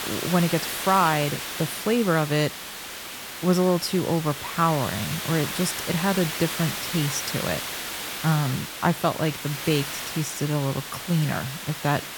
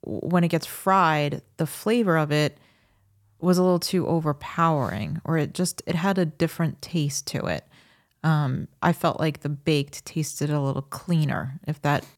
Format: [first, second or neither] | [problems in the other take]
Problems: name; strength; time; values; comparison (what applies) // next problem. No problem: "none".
second | hiss; loud; throughout; 6 dB below the speech